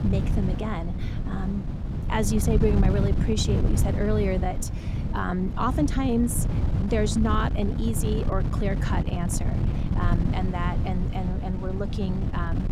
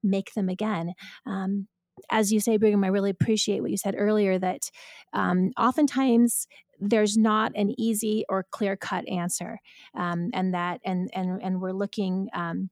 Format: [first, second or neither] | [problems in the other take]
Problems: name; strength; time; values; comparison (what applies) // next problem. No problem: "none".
second | wind noise on the microphone; heavy; 7 dB below the speech